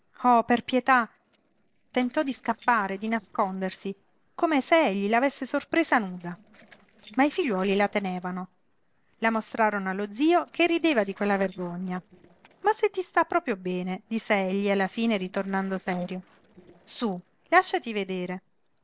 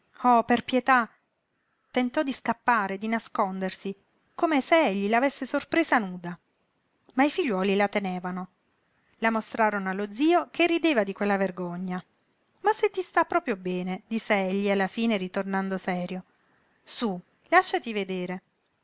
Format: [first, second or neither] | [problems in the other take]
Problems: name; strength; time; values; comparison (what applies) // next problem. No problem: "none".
second | noise reduction (neural separator model SepFormer DNS4)